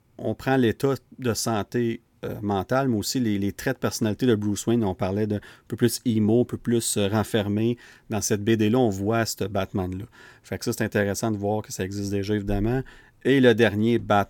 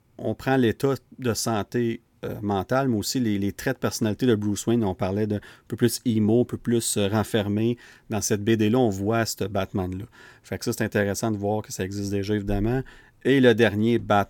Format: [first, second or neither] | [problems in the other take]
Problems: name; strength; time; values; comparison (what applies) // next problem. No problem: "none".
neither | none